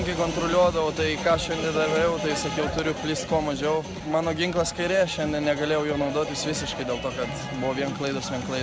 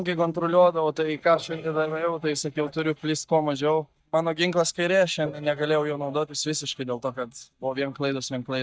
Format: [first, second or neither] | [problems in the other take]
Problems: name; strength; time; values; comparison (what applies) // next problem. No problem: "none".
first | noise reduction (neural mask model DeepFilterNet 3)